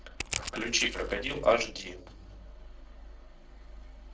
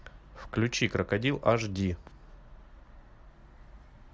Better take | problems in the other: second | noise reduction (neural separator model SepFormer DNS4)

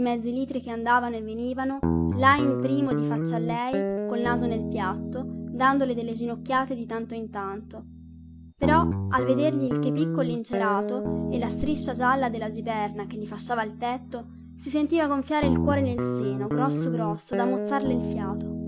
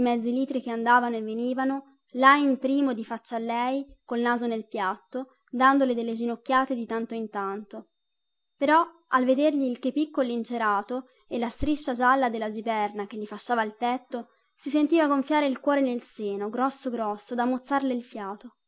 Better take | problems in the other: second | background sound (Guitar); 2 dB below the speech

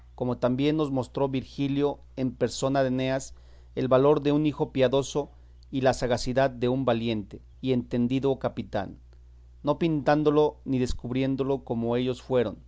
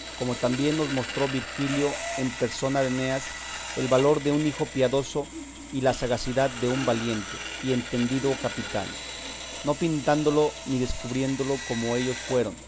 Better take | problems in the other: first | background sound (Sawing); 9 dB below the speech

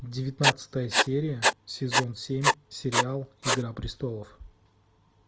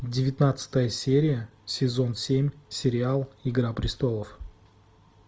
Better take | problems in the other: second | background sound (Writing); 4 dB above the speech

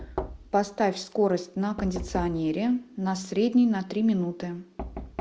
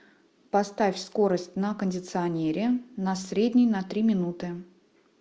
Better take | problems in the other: second | background sound (Knock); 13 dB below the speech

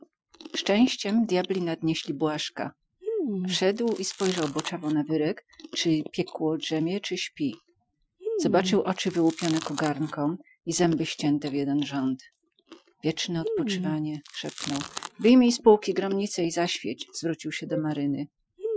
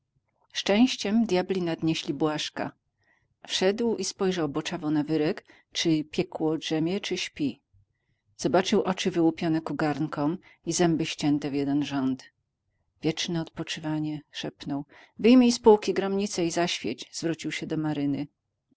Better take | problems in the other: second | noise reduction (classical method Wiener filter)

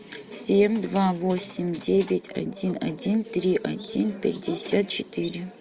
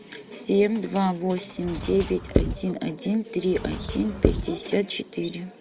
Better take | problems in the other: first | background sound (Writing); 2 dB below the speech

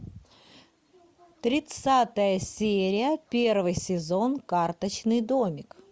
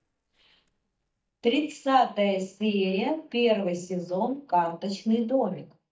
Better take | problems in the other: first | noise reduction (neural mask model DeepFilterNet 3)

